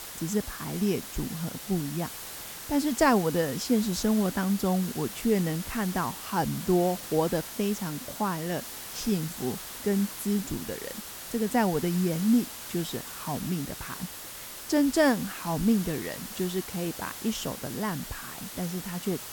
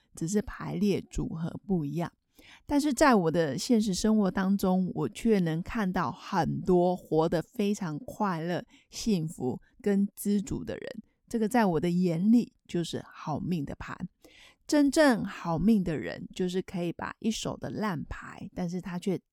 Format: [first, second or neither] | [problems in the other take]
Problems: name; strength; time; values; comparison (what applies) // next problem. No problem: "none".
second | hiss; loud; throughout; 9 dB below the speech